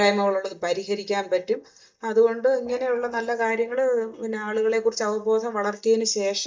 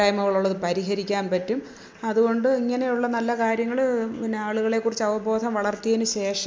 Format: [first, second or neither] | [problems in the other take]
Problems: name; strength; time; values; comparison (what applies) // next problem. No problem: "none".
second | noise reduction (neural mask model DeepFilterNet 3)